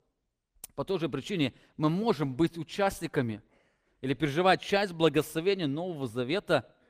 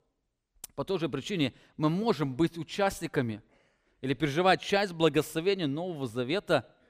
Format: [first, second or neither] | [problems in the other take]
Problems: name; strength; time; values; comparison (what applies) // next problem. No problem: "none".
second | garbled, watery; slightly; nothing above 15 kHz